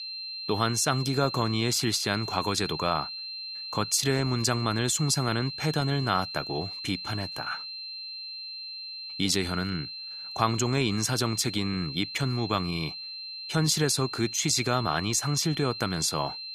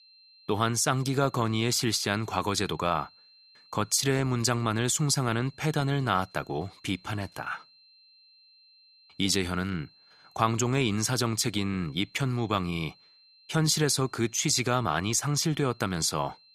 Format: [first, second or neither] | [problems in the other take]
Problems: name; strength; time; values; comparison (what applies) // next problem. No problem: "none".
second | high-pitched whine; loud; throughout; 4 kHz, 8 dB below the speech; faint in the second